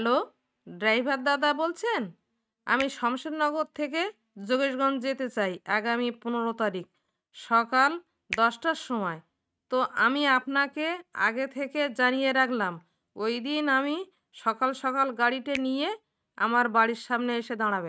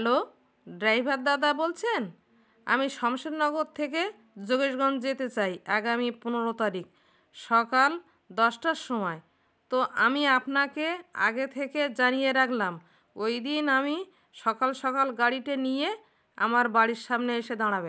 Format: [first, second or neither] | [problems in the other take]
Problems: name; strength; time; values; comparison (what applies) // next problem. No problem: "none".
second | noise reduction (neural mask model RNNoise)